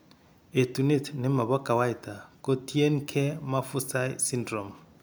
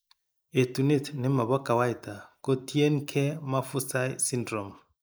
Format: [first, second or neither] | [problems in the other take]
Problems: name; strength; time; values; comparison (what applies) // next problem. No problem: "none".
first | noise reduction (neural mask model Resemble Enhance denoiser)